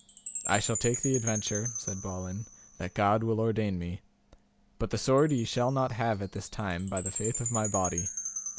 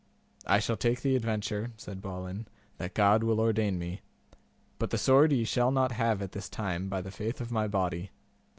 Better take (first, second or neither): second